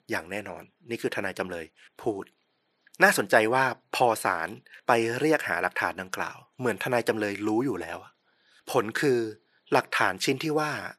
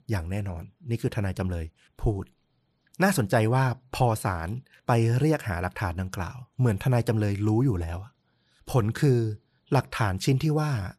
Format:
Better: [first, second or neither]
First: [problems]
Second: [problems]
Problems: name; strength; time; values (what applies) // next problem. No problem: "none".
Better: second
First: thin; very; fading below 400 Hz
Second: none